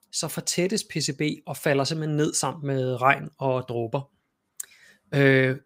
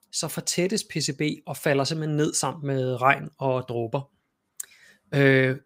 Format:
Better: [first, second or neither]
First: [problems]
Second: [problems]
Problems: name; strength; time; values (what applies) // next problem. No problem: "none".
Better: neither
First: none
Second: none